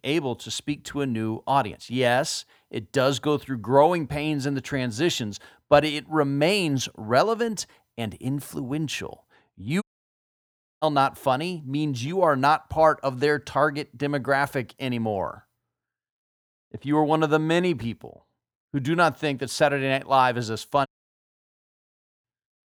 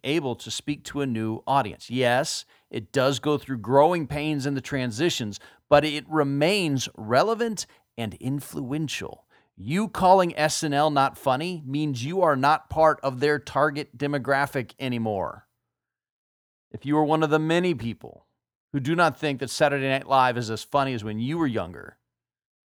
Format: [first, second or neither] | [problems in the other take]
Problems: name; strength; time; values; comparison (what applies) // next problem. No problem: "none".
second | audio cutting out; at 10 s for 1 s and at 21 s for 1.5 s